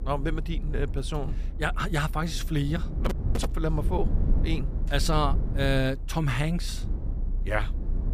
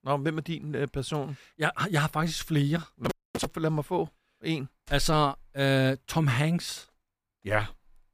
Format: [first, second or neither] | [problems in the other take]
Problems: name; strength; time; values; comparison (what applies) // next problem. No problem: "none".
second | low rumble; noticeable; throughout; 15 dB below the speech